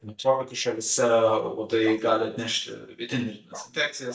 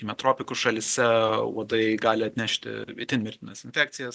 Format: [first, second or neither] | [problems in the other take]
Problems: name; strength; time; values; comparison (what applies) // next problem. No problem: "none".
second | noise reduction (neural mask model DeepFilterNet 3)